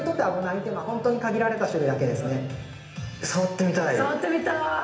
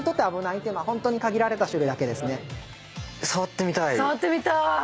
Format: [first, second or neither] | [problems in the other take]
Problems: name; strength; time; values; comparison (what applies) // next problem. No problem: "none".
second | room echo; dies away in 0.8 s